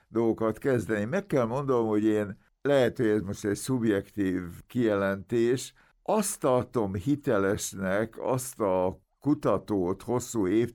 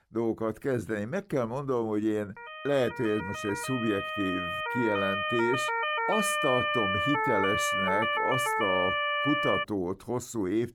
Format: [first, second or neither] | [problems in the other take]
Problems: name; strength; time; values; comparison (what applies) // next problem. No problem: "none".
first | siren; loud; from 2.5 to 9.5 s; peak 4 dB above the speech